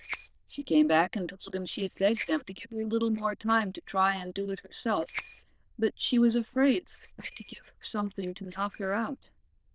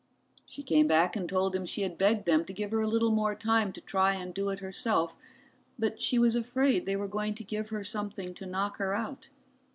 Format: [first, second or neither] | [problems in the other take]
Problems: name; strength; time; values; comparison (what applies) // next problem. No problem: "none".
second | noise reduction (neural diffusion model UNIVERSE++)